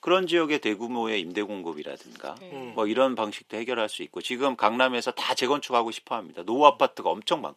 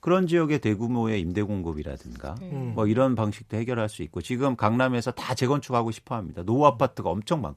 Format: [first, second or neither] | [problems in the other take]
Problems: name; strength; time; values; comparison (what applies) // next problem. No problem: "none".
second | thin; somewhat; fading below 300 Hz